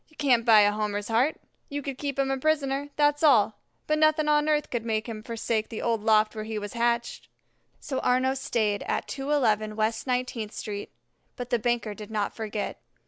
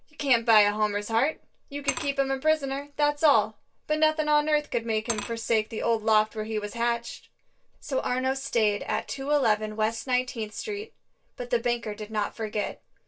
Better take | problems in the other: first | background sound (Glass / Liquid); 16 dB below the speech // room echo; dies away in 0.1 s

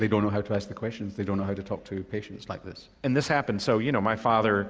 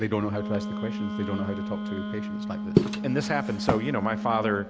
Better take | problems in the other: first | background sound (Walk, footsteps + Wind instrument, woodwind instrument); as loud as the speech

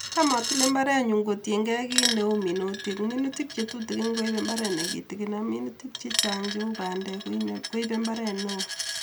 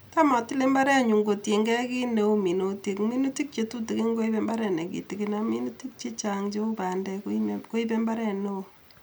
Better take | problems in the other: second | background sound (Coin (dropping)); 6 dB below the speech

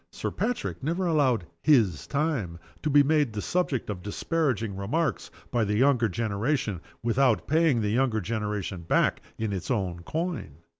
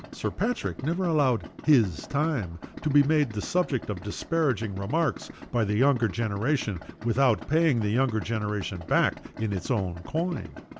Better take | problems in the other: first | background sound (Idling); 16 dB below the speech

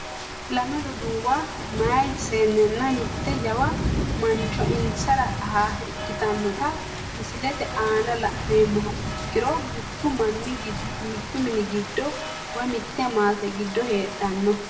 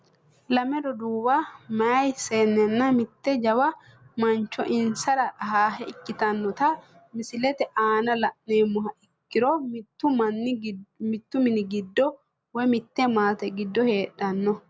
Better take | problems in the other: second | background sound (Rain); 5 dB below the speech // room echo; dies away in 0.6 s

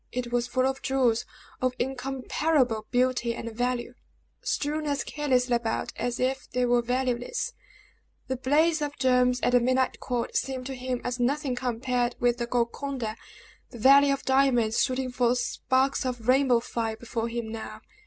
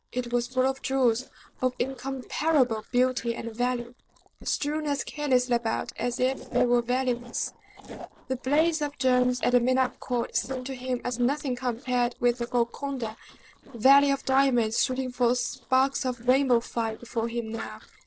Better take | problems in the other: first | noise reduction (neural separator model SepFormer DNS4)

